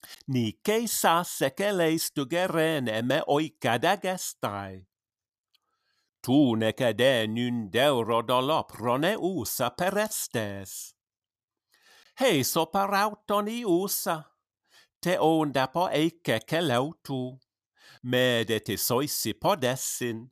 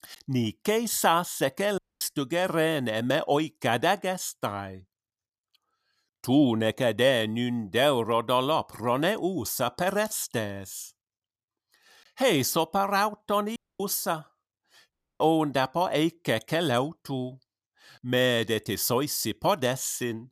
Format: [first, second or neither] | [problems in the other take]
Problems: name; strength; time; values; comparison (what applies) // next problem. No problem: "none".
first | audio cutting out; at 2 s, at 14 s and at 15 s